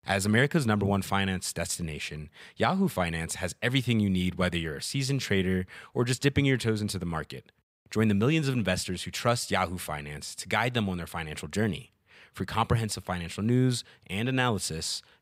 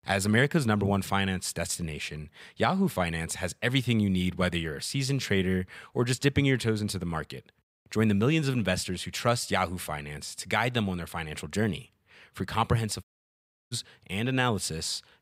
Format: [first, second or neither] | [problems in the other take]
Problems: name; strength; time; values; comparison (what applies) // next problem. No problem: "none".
first | audio cutting out; at 13 s for 0.5 s